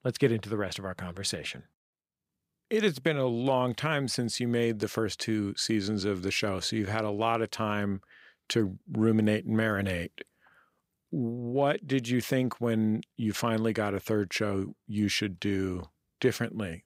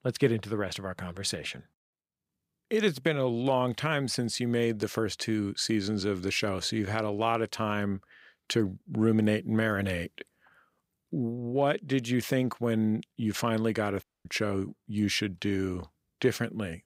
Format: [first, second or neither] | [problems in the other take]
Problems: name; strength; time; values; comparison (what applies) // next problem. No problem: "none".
first | audio cutting out; at 14 s